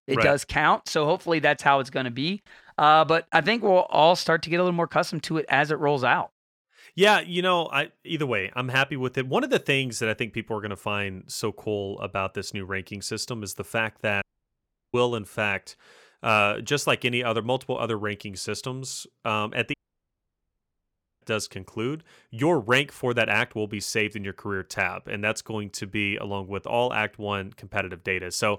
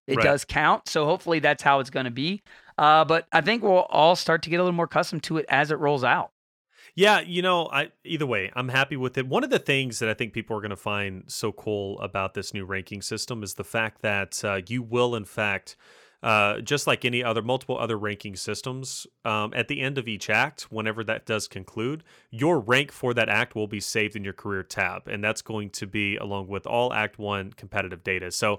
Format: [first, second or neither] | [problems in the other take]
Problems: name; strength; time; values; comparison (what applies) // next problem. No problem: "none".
second | audio cutting out; at 14 s for 0.5 s and at 20 s for 1.5 s